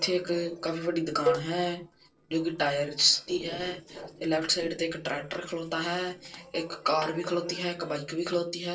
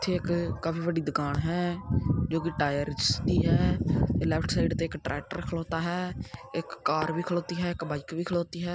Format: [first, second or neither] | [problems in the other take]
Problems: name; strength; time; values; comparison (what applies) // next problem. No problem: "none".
second | noise reduction (neural separator model SepFormer DNS4)